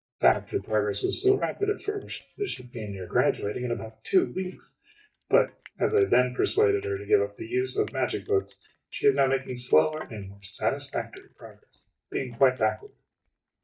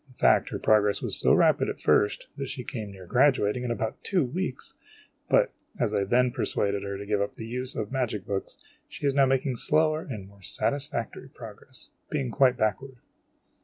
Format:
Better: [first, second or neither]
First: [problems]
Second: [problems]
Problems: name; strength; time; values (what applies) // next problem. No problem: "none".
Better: second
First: noise reduction (neural mask model DeepFilterNet 3)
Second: none